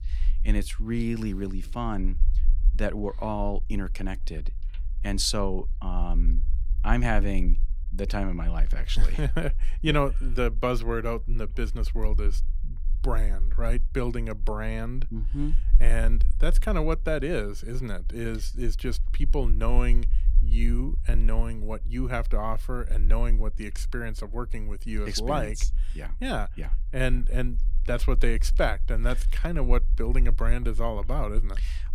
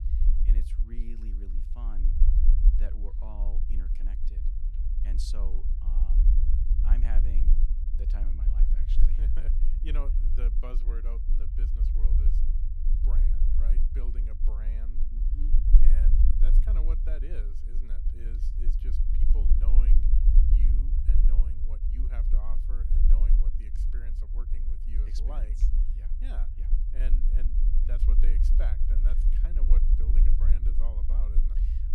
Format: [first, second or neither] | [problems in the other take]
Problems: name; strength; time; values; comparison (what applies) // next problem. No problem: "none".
first | low rumble; loud; throughout; as loud as the speech; faint in the first